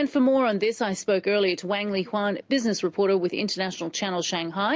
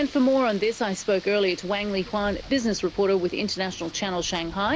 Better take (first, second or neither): first